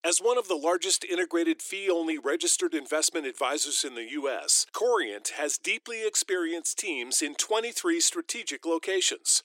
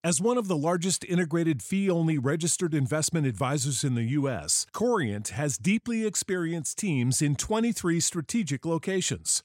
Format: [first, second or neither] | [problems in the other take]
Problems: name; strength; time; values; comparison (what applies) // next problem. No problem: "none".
second | thin; very; fading below 300 Hz